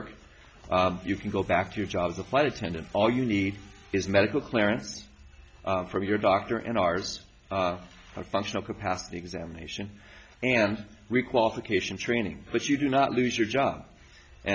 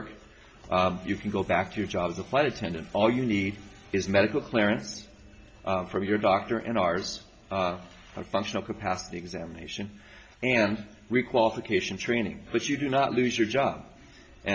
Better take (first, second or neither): first